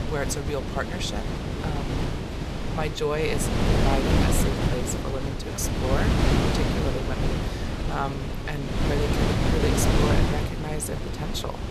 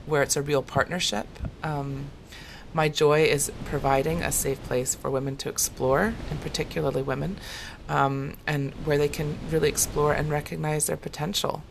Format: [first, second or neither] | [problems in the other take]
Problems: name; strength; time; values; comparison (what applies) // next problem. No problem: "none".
second | wind noise on the microphone; heavy; 2 dB above the speech; occasional gusts in the second